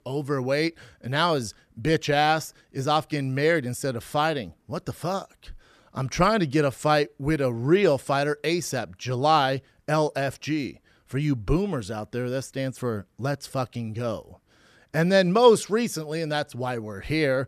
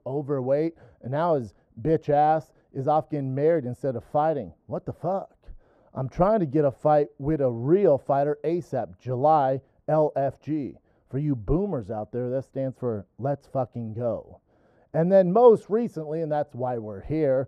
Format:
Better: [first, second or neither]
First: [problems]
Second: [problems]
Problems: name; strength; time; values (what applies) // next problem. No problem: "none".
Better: first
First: none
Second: muffled; very; fading above 1.5 kHz